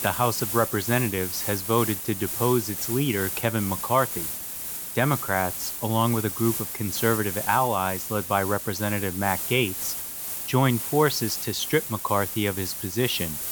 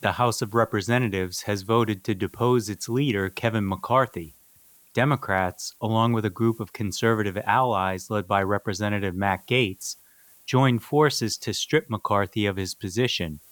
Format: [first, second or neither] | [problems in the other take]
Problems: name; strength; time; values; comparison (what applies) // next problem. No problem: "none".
second | hiss; loud; throughout; 4 dB below the speech; faint in the second